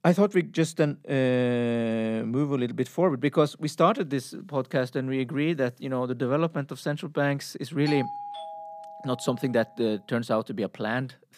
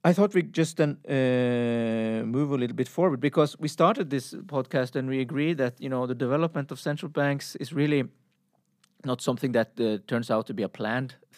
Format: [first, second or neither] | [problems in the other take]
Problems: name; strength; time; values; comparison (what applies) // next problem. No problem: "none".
second | doorbell; noticeable; from 8 to 9.5 s; peak 8 dB below the speech